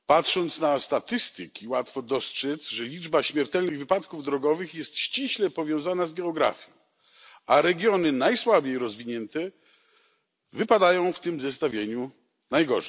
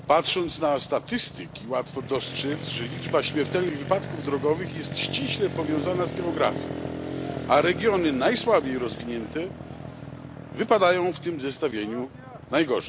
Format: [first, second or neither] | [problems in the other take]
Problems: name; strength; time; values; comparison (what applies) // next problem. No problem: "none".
first | background sound (Motorcycle); 9 dB below the speech